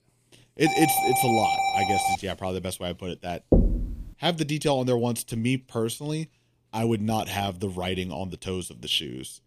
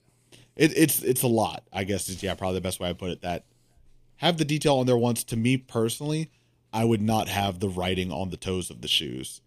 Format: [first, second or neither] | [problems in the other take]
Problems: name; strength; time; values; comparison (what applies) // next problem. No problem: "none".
second | alarm; loud; from 0.5 to 2 s; peak 4 dB above the speech // door banging; loud; at 3.5 s; peak 5 dB above the speech